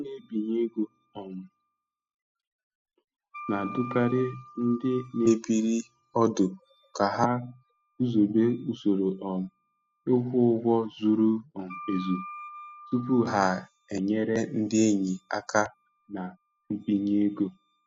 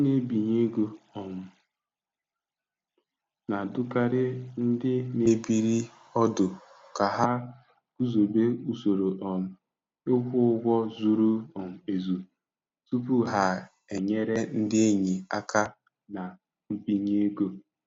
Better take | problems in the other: second | noise reduction (classical method spectral subtraction)

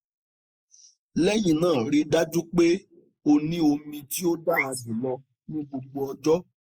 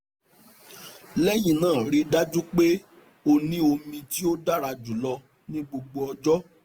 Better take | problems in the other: second | noise reduction (neural mask model Resemble Enhance denoiser)

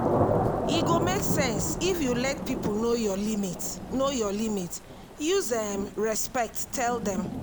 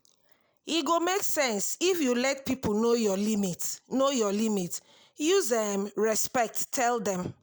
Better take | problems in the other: second | background sound (Thunder / Rain); 2 dB below the speech

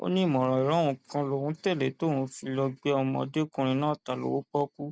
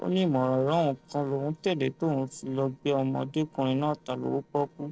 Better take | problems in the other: first | noise reduction (neural separator model SepFormer DNS4)

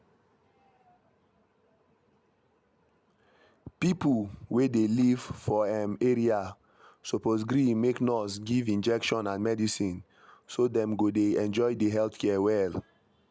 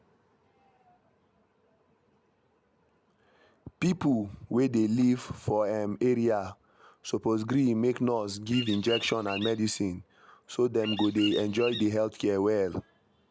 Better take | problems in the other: first | background sound (Bird vocalization, bird call, bird song); 8 dB below the speech

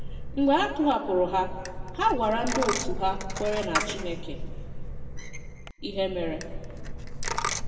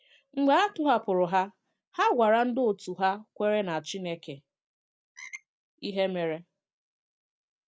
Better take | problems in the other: second | background sound (Coin (dropping)); 3 dB below the speech // room echo; dies away in 1.6 s

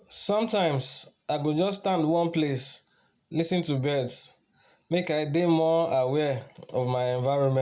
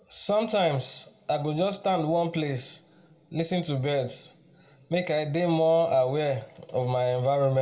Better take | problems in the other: first | room echo; dies away in 1.5 s

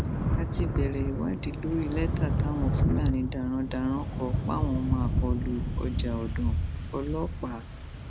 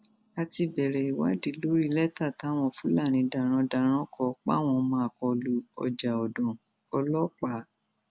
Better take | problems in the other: second | background sound (Thunder / Rain); 3 dB above the speech

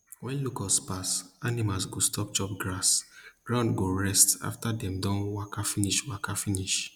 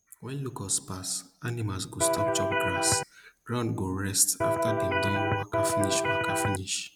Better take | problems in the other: first | background sound (Electric guitar); 5 dB above the speech

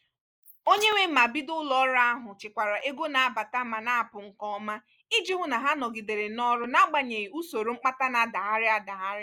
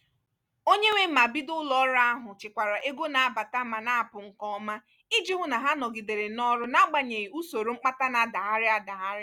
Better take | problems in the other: second | noise reduction (neural mask model Resemble Enhance denoiser)

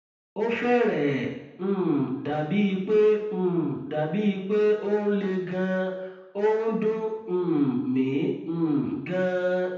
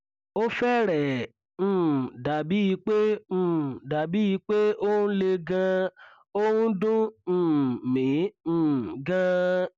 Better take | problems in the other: second | room echo; dies away in 0.9 s

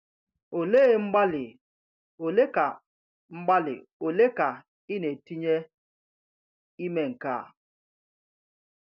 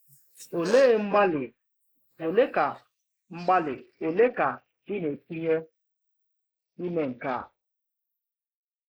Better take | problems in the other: first | noise reduction (neural mask model Resemble Enhance denoiser)

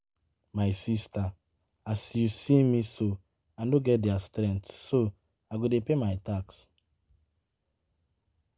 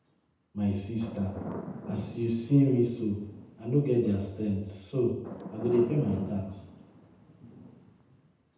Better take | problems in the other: first | background sound (Thunder / Rain); 13 dB below the speech // room echo; dies away in 0.8 s

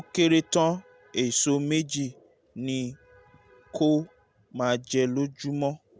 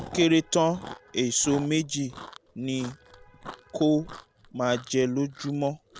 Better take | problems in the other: first | background sound (Chewing, mastication); 18 dB below the speech

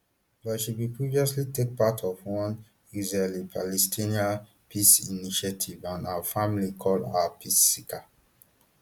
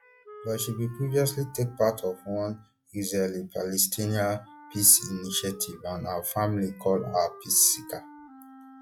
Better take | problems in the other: first | noise reduction (classical method log-MMSE)

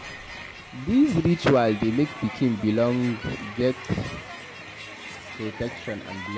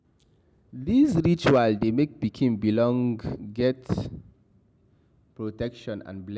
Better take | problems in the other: second | background sound (Crowd); 13 dB below the speech

